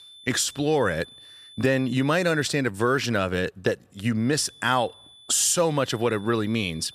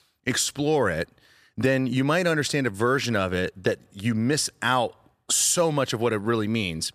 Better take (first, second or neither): second